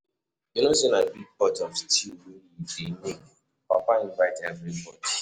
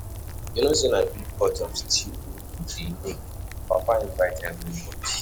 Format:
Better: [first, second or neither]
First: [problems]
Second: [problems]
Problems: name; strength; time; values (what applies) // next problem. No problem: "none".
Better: first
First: none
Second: background sound (Rain); 8 dB below the speech